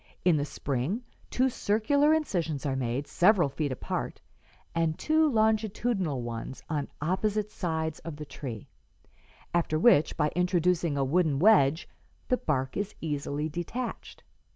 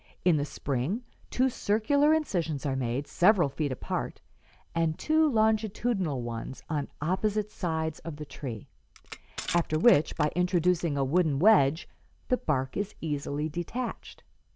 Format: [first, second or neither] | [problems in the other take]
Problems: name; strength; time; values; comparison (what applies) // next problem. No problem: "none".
first | background sound (Crushing); 17 dB below the speech